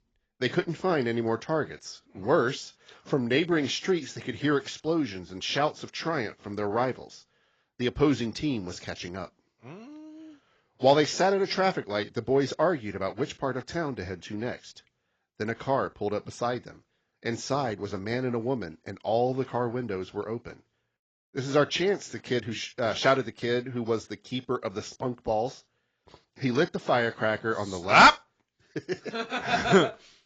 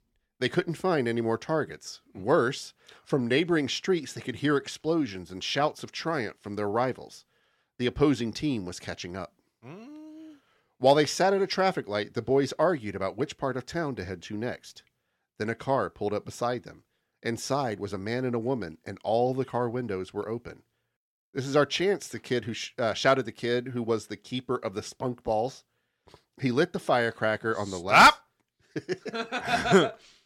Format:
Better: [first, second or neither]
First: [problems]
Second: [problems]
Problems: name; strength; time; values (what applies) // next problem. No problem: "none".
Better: second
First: garbled, watery; badly; nothing above 7.5 kHz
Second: none